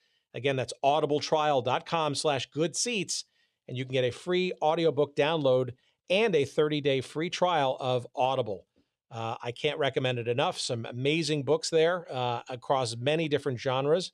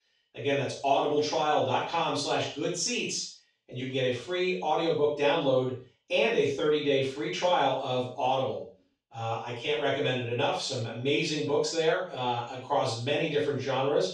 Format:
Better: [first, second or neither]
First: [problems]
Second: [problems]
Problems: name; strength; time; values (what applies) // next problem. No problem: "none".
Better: first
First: none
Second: room echo; noticeable; dies away in 0.3 s // off-mic speech; far